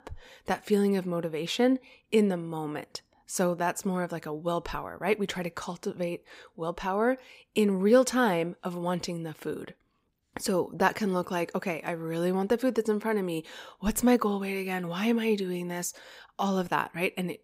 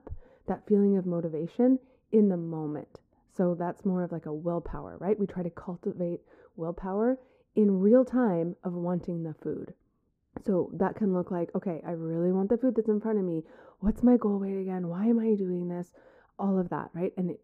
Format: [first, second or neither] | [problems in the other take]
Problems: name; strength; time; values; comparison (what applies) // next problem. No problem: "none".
first | muffled; very; fading above 1 kHz